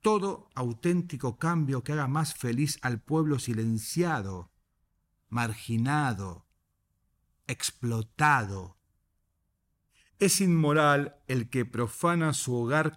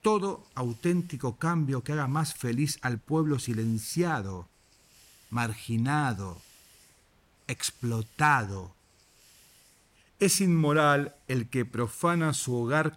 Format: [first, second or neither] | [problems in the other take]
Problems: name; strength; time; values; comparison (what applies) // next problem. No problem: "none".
first | hiss; faint; throughout; 30 dB below the speech